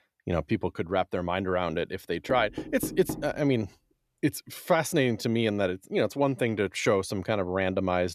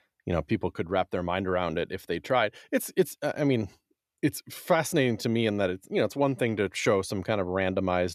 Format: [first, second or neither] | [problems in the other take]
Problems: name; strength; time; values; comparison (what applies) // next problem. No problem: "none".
second | door banging; noticeable; from 2.5 to 3.5 s; peak 7 dB below the speech